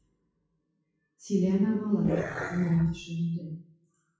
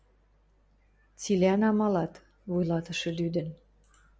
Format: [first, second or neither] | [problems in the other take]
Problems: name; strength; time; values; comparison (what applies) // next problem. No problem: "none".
second | noise reduction (classical method WPE with log-MMSE)